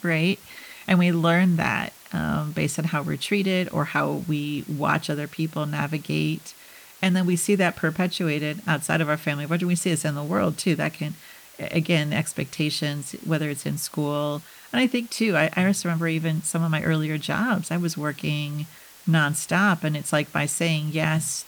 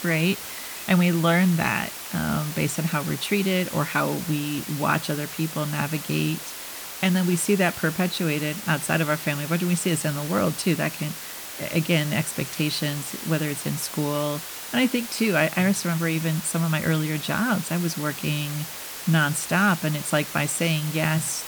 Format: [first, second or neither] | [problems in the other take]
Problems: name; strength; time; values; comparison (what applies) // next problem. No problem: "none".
first | hiss; loud; throughout; 9 dB below the speech; faint in the first